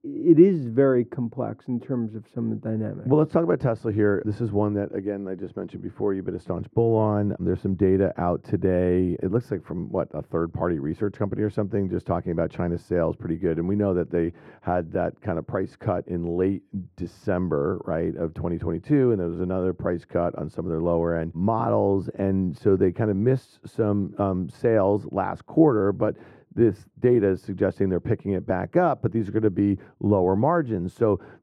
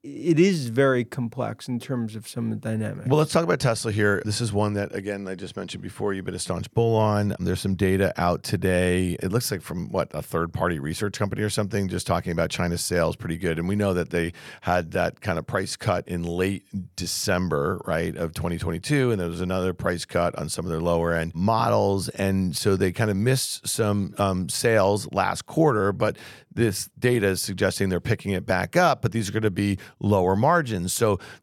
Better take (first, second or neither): second